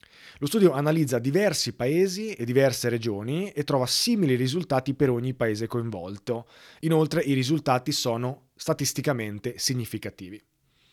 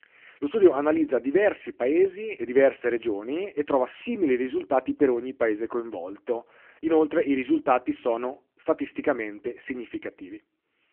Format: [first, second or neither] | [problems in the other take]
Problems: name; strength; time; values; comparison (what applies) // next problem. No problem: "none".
first | phone-call audio; poor line